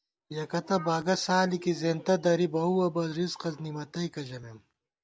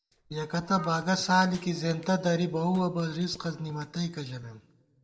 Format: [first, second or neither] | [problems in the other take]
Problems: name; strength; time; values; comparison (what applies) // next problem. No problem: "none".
first | noise reduction (neural separator model SepFormer DNS4)